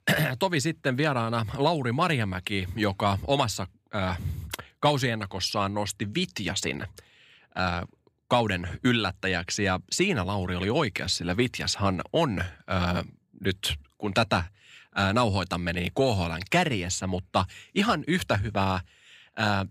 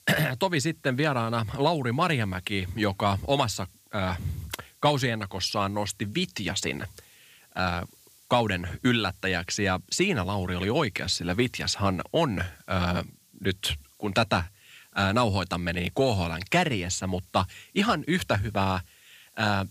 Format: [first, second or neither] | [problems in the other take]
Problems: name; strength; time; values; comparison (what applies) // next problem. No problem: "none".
first | hiss; faint; throughout; 30 dB below the speech